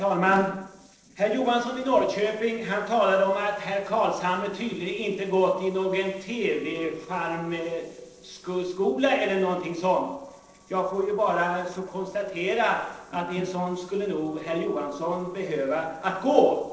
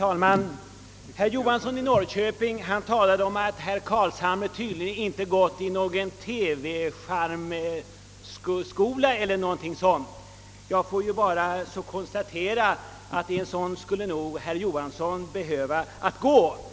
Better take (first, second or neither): second